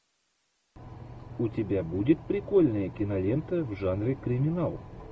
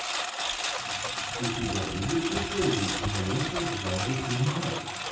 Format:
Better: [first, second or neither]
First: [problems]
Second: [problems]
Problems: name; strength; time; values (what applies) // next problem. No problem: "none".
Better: first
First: none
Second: background sound (Engine); 1 dB below the speech // room echo; dies away in 0.6 s